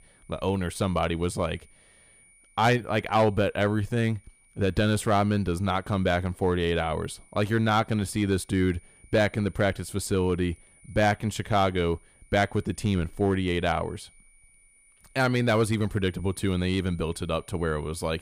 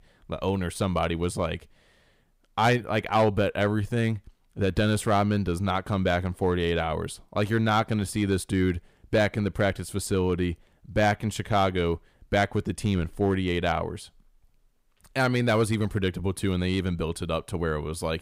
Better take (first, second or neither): second